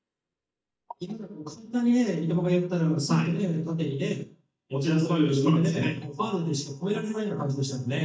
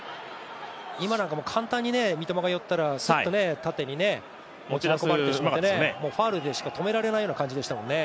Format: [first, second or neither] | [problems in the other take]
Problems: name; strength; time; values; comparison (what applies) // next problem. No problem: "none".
second | noise reduction (neural mask model DeepFilterNet 3)